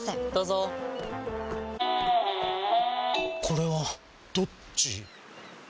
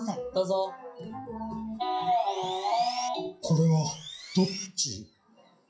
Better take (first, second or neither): first